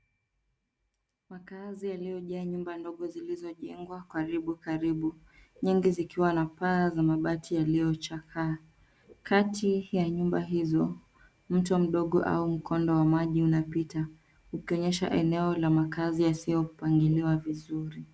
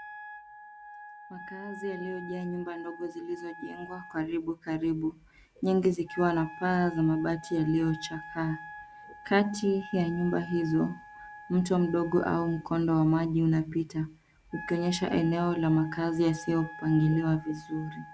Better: first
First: none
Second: background sound (Wind instrument, woodwind instrument); 17 dB below the speech

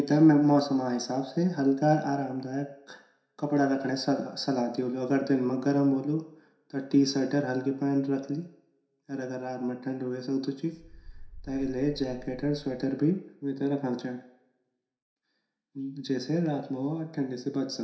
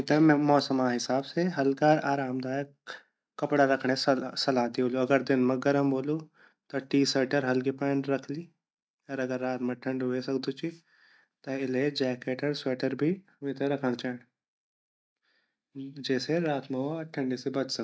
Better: second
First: background sound (Wind); 17 dB below the speech // room echo; dies away in 0.6 s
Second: none

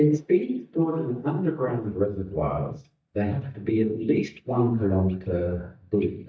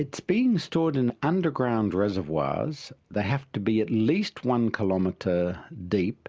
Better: second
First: noise reduction (neural mask model DeepFilterNet 3)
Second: none

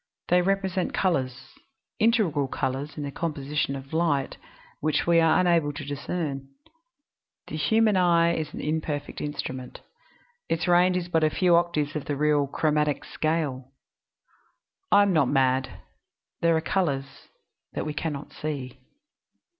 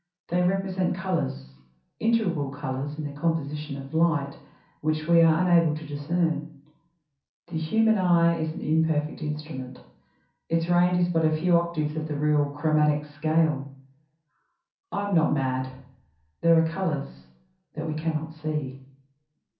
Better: first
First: none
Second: room echo; dies away in 0.6 s

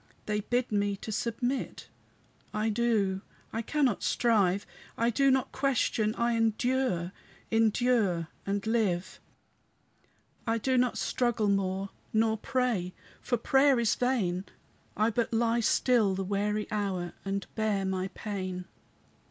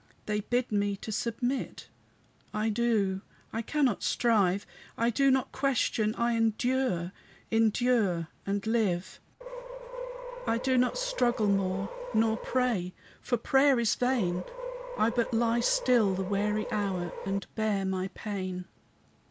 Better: first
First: none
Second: background sound (Subway, metro, underground); 10 dB below the speech

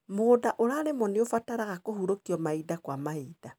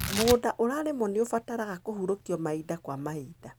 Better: first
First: none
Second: background sound (Tearing); 10 dB below the speech

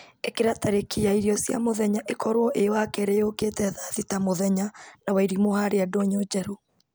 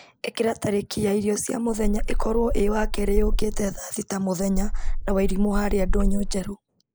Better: first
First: none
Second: noise reduction (neural mask model Resemble Enhance denoiser)

